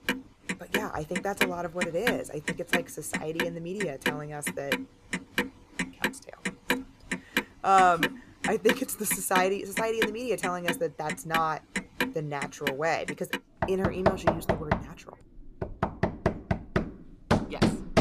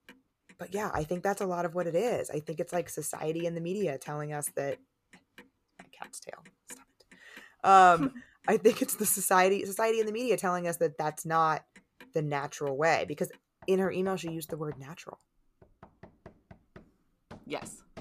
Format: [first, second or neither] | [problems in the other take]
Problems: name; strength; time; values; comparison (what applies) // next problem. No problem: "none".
second | household noises; loud; throughout; 2 dB below the speech; faint in the second